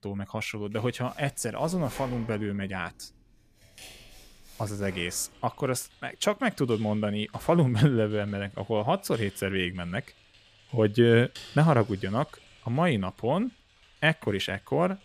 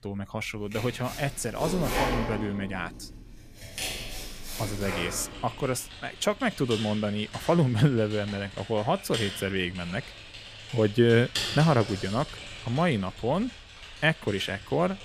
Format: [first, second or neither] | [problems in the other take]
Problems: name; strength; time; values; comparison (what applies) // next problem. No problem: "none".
first | household noises; loud; throughout; 9 dB below the speech; faint in the first